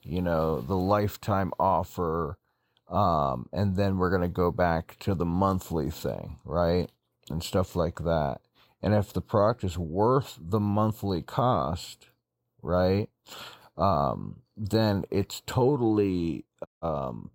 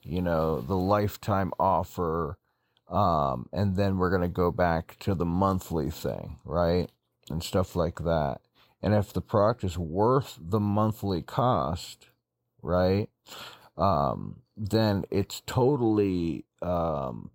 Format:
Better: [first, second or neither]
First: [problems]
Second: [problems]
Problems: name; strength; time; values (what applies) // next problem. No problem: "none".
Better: second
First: audio cutting out; at 17 s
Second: none